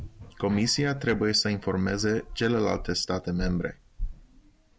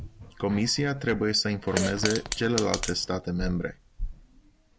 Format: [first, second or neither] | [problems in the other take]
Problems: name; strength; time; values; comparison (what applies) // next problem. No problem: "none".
first | background sound (Fart); 4 dB below the speech